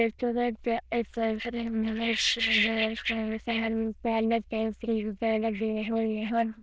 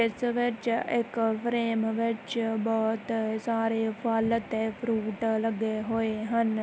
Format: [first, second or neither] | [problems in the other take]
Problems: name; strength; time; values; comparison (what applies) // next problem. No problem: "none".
second | noise reduction (neural diffusion model UNIVERSE++)